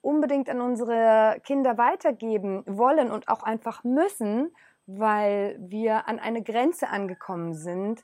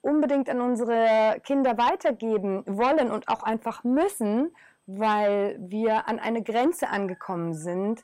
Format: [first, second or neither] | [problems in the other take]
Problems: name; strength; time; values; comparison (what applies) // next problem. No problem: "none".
first | distortion; slight; 10 dB below the speech